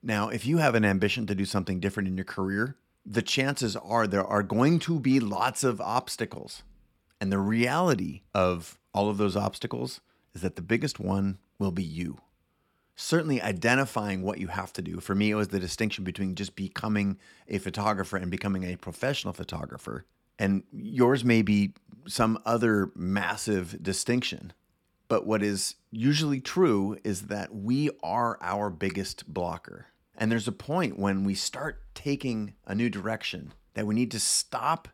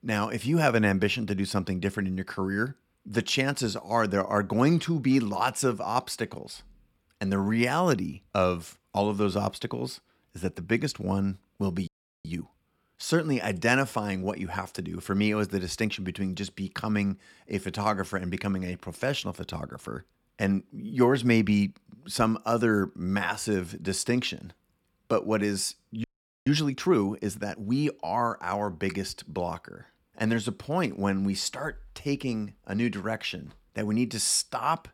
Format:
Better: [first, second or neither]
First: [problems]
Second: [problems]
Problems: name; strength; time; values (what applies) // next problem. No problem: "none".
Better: first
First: none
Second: audio freezing; at 12 s and at 26 s